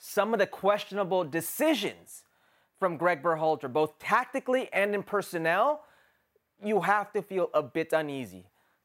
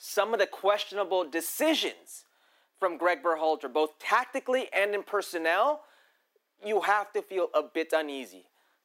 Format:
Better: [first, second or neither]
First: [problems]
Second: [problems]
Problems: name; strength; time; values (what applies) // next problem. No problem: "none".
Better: first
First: none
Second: thin; very slightly; fading below 250 Hz